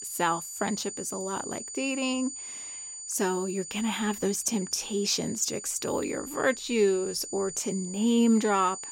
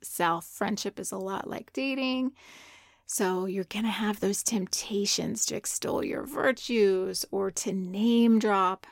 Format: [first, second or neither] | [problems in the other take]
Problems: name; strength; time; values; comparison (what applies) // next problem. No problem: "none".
second | high-pitched whine; loud; throughout; 7 kHz, 9 dB below the speech